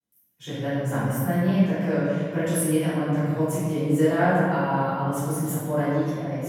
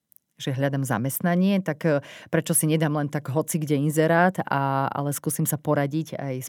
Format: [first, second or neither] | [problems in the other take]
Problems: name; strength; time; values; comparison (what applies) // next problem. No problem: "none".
second | off-mic speech; far // room echo; strong; dies away in 1.9 s